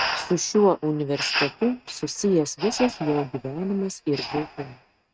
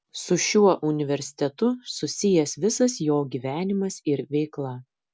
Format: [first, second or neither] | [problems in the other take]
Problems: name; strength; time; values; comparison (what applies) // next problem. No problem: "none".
second | noise reduction (neural mask model RNNoise)